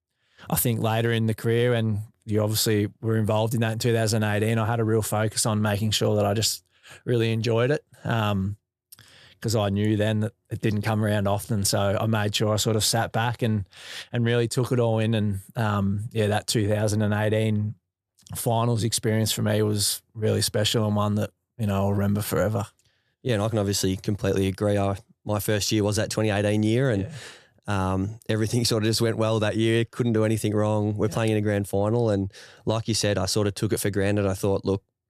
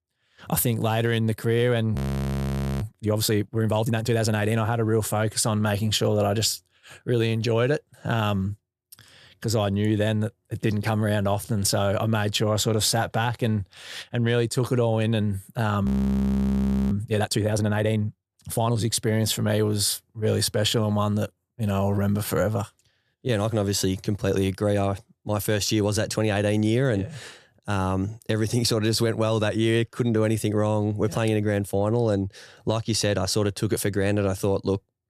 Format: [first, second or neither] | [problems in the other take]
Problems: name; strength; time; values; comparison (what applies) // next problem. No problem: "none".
first | audio freezing; at 2 s for 1 s and at 16 s for 1 s